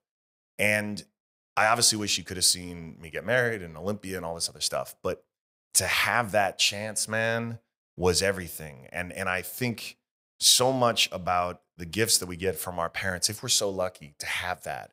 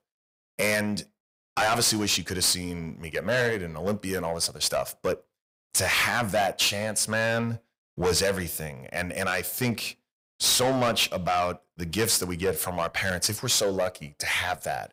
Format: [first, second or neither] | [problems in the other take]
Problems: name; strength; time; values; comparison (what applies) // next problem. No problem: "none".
first | distortion; heavy; 6 dB below the speech